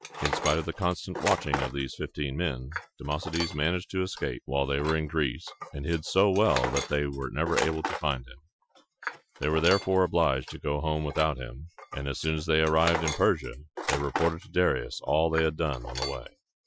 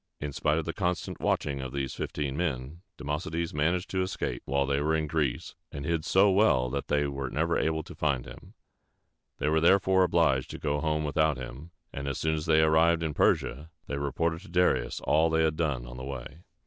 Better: second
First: noise reduction (classical method Wiener filter)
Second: none

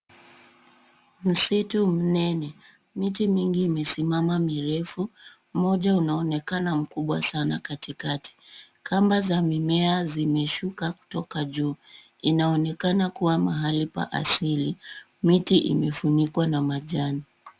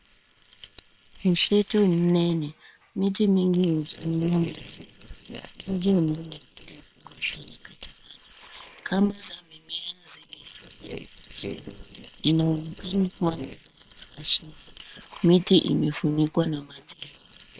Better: first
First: none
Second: noise reduction (neural separator model SepFormer WHAM!)

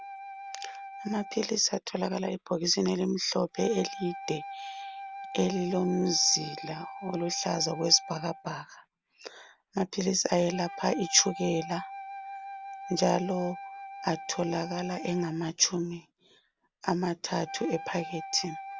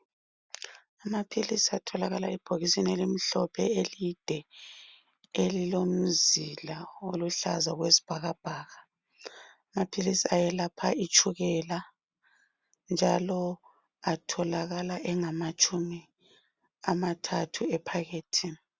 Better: second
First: background sound (Wind instrument, woodwind instrument); 12 dB below the speech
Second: none

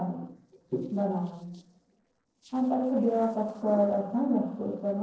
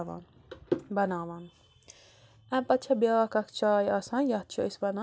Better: second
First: noise reduction (neural separator model SepFormer DNS4)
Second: none

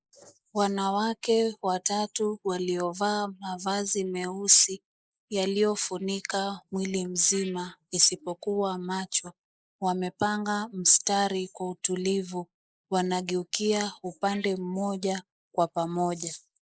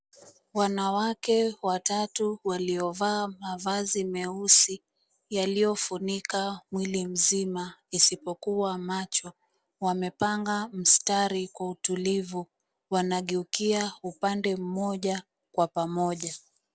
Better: second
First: noise reduction (neural mask model Resemble Enhance denoiser)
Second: none

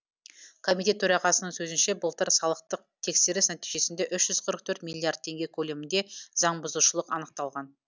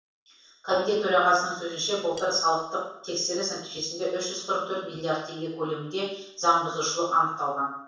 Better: first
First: none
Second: noise reduction (neural separator model SepFormer DNS4)

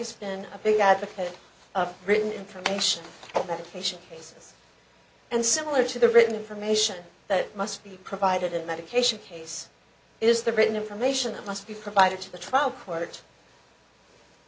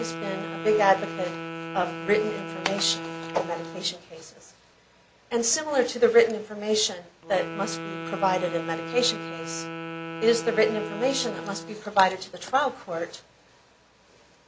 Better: first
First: none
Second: background sound (Wind instrument, woodwind instrument); 10 dB below the speech

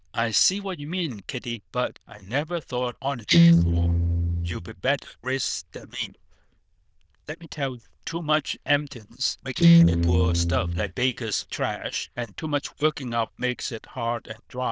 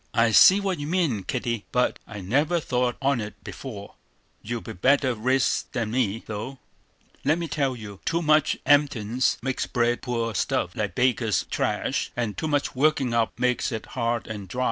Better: second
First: noise reduction (neural diffusion model UNIVERSE++)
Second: none

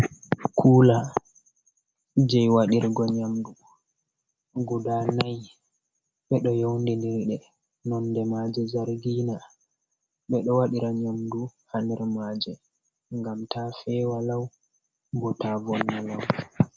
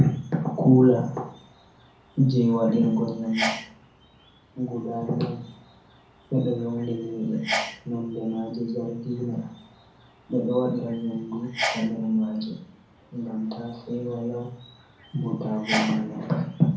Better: first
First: none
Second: background sound (Sneeze); 11 dB below the speech // room echo; dies away in 0.5 s

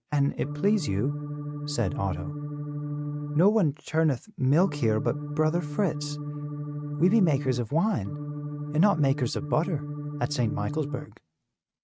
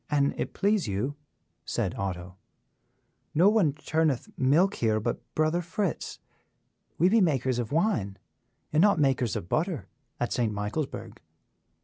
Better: second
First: noise reduction (neural mask model RNNoise)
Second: none

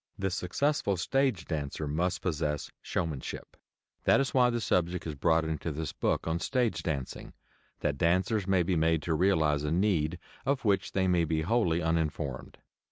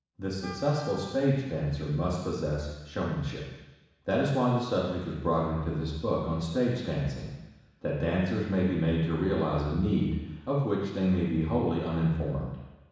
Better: first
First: none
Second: background sound (Wind instrument, woodwind instrument); 18 dB below the speech // room echo; dies away in 1.1 s

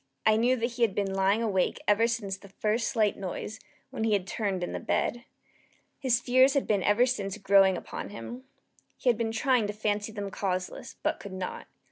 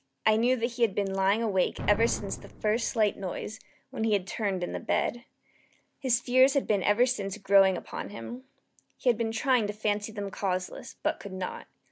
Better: first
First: none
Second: background sound (Explosion); 10 dB below the speech

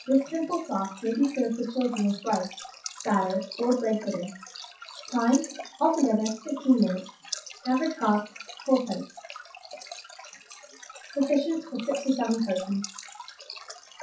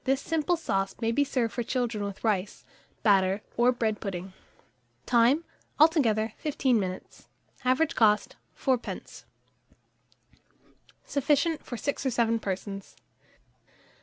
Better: second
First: noise reduction (classical method WPE with log-MMSE)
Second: none

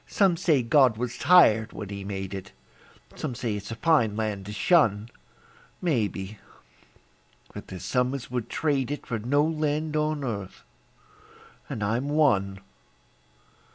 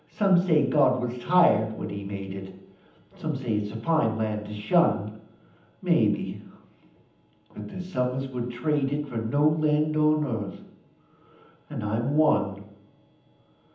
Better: first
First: none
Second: room echo; dies away in 0.8 s

